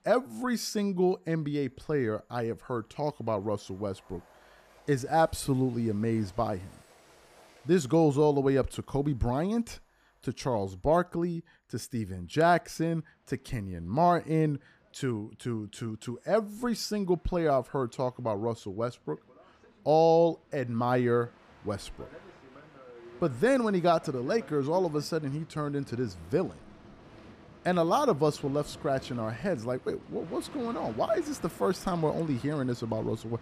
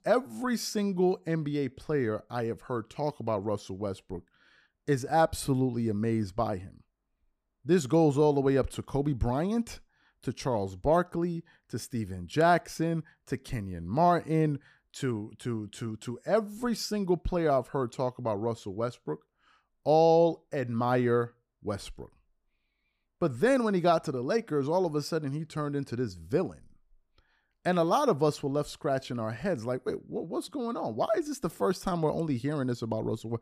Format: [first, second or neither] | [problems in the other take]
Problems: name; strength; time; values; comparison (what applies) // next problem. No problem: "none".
second | train or aircraft noise; faint; throughout; 20 dB below the speech